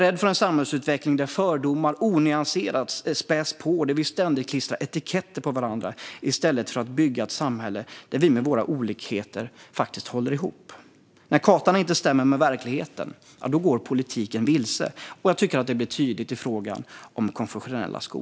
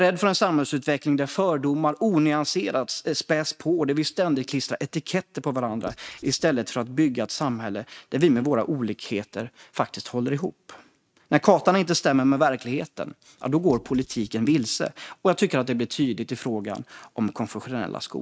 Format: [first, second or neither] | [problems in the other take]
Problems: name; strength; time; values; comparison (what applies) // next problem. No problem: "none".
first | noise reduction (neural mask model RNNoise)